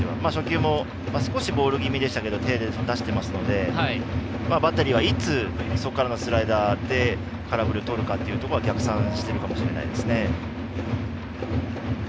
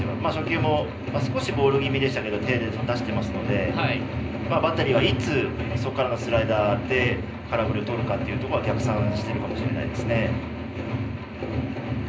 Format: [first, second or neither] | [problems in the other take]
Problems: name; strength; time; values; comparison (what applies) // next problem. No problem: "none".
first | room echo; dies away in 0.5 s